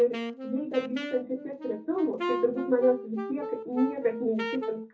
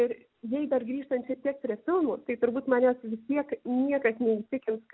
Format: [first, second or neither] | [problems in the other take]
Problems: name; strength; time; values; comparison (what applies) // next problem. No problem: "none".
second | background sound (Wind instrument, woodwind instrument); 7 dB below the speech // room echo; dies away in 0.3 s